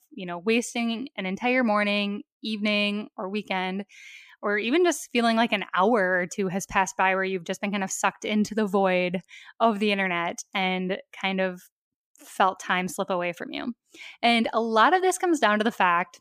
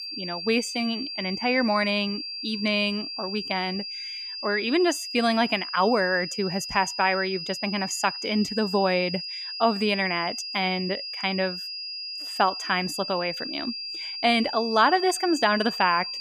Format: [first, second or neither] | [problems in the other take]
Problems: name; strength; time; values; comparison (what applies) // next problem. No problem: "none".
first | high-pitched whine; loud; throughout; 5 kHz, 6 dB below the speech